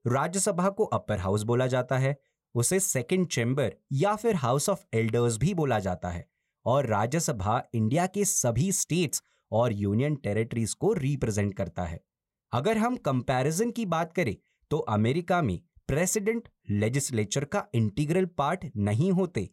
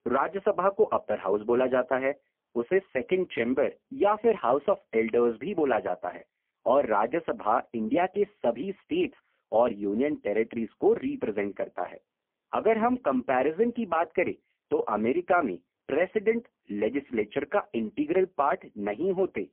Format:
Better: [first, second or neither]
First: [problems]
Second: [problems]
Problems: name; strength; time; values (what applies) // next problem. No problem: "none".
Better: first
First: none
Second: phone-call audio; poor line; nothing above 3 kHz